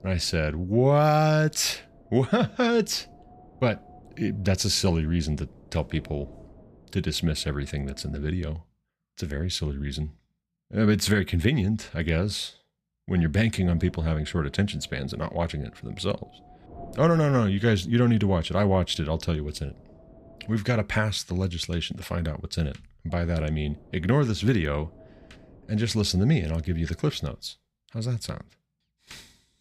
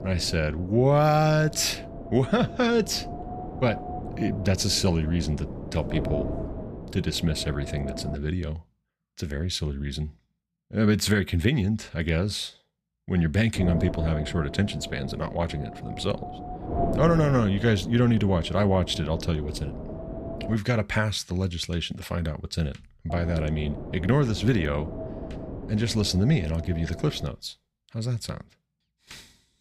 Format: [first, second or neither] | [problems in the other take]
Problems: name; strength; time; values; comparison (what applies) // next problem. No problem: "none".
first | wind noise on the microphone; heavy; until 8 s, from 14 to 21 s and from 23 to 27 s; 10 dB below the speech; occasional gusts in the first